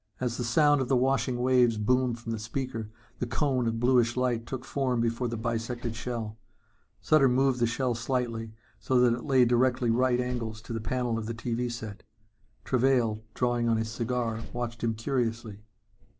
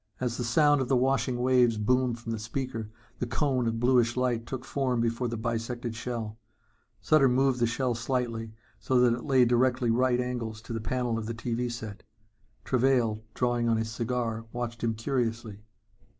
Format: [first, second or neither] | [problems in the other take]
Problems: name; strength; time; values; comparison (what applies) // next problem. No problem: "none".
second | background sound (Vehicle); 15 dB below the speech